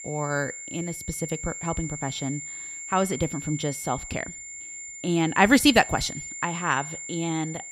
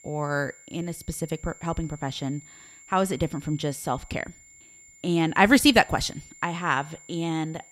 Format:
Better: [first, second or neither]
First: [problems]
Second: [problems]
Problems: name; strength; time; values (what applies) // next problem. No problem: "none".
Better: second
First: high-pitched whine; loud; throughout; 7.5 kHz, 9 dB below the speech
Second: high-pitched whine; faint; throughout; 7.5 kHz, 20 dB below the speech